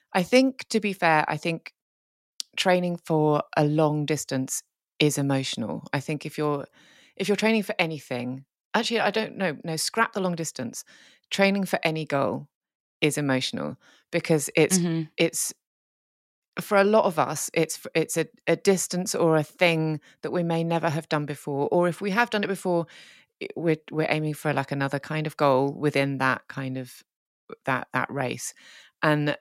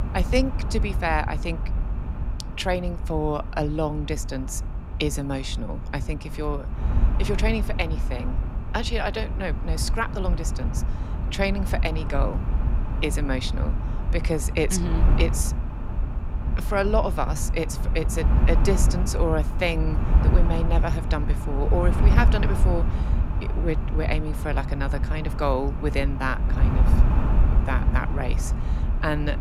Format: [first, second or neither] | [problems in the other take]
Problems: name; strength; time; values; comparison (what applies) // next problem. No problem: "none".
first | wind noise on the microphone; heavy; 9 dB below the speech